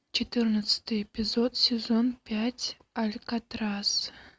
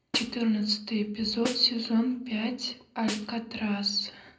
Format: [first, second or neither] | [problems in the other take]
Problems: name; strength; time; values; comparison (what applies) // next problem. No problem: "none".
first | background sound (Snare drum); 13 dB below the speech // room echo; dies away in 0.4 s